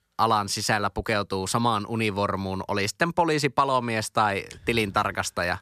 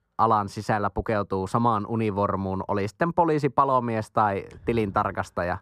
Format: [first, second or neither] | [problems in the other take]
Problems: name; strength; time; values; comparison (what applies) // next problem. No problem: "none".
first | muffled; very; fading above 2 kHz